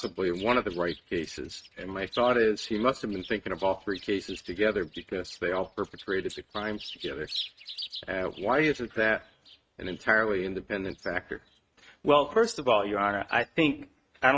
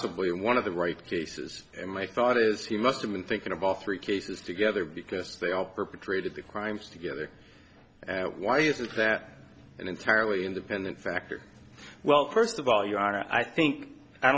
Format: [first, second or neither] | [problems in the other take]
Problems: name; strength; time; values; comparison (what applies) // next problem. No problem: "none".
second | noise reduction (neural mask model RNNoise)